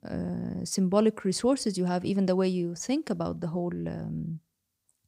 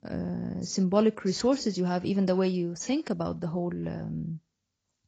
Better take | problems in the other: first | garbled, watery; badly; nothing above 7.5 kHz

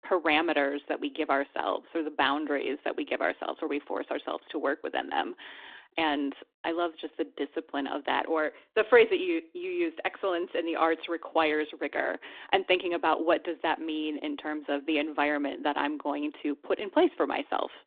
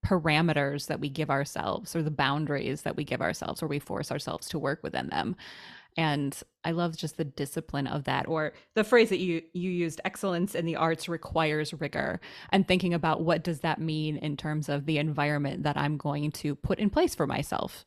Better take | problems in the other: second | phone-call audio

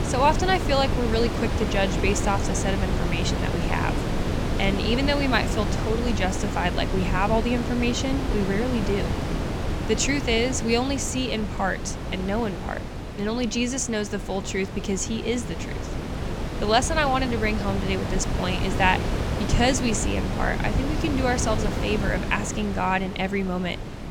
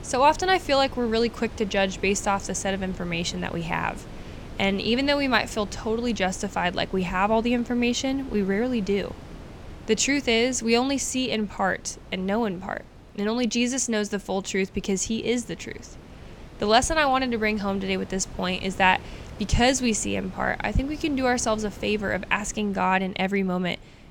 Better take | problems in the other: second | wind noise on the microphone; heavy; 6 dB below the speech; occasional gusts in the second

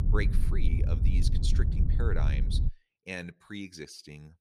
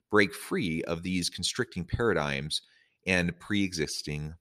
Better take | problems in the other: second | low rumble; loud; until 2.5 s; 5 dB below the speech

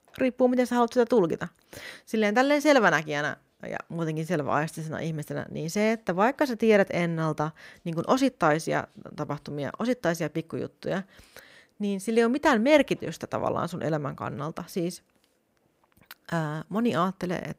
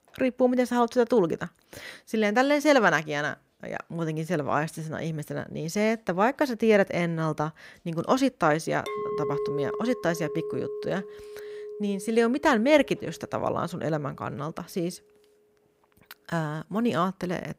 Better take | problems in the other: first | clattering dishes; noticeable; from 9 to 13 s; peak 3 dB below the speech

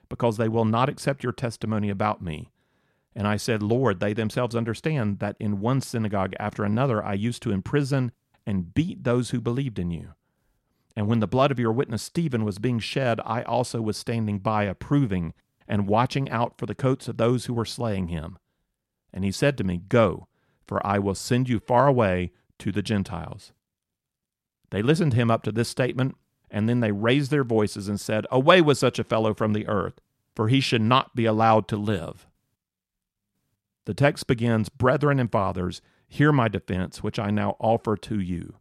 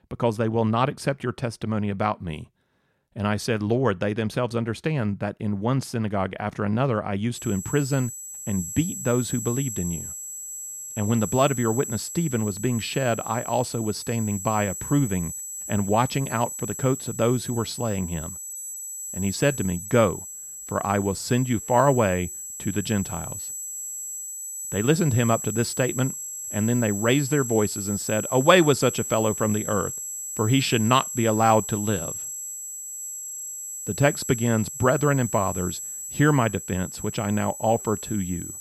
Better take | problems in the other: first | high-pitched whine; loud; from 7.5 s on; 7.5 kHz, 7 dB below the speech

